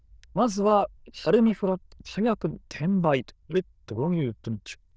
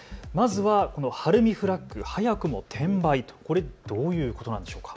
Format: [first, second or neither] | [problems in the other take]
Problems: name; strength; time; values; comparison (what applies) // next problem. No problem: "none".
second | noise reduction (neural diffusion model UNIVERSE++)